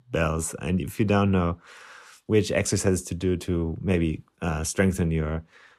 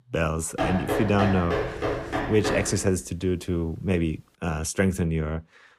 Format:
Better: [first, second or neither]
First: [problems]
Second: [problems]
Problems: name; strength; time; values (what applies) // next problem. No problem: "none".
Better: first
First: none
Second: door banging; noticeable; from 0.5 to 3 s; peak level with the speech